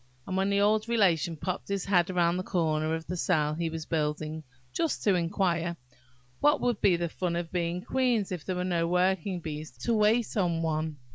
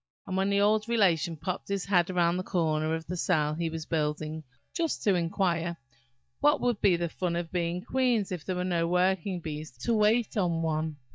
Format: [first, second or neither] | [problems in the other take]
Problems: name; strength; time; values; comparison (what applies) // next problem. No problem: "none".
first | noise reduction (neural mask model DeepFilterNet 3)